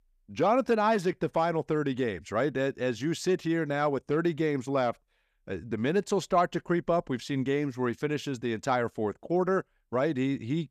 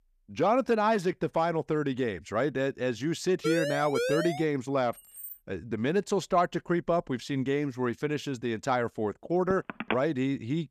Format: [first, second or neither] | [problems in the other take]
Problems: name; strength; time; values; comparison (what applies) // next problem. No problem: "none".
first | siren; noticeable; from 3.5 to 4.5 s; peak 1 dB below the speech // jangling keys; faint; at 5 s; peak 10 dB below the speech // phone ringing; noticeable; at 9.5 s; peak 5 dB below the speech